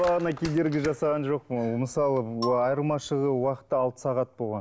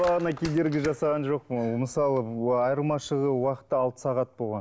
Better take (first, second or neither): second